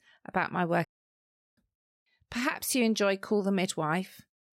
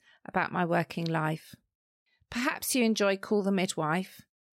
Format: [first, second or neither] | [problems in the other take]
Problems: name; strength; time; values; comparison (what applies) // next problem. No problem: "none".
second | audio cutting out; at 1 s for 0.5 s